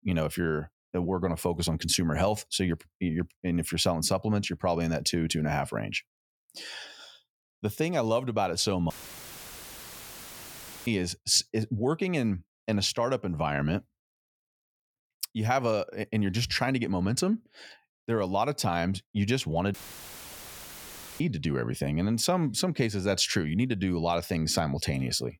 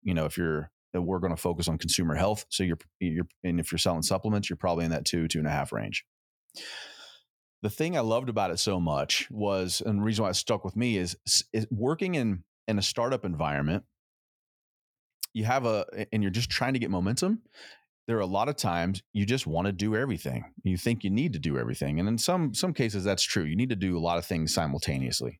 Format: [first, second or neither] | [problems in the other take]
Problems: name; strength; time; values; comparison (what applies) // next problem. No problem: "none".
second | audio cutting out; filled with static; at 9 s for 2 s and at 20 s for 1.5 s